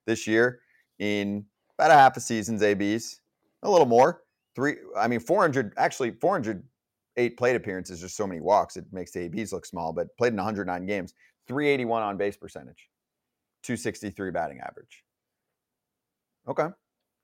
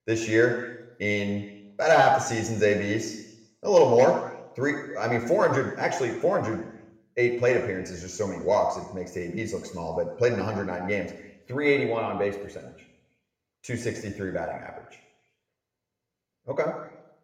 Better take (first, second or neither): first